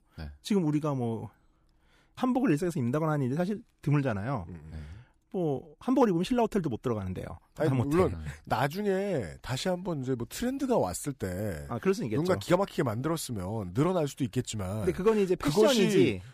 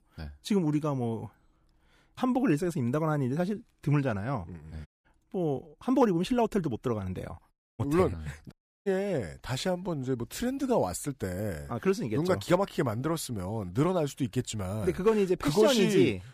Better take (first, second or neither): first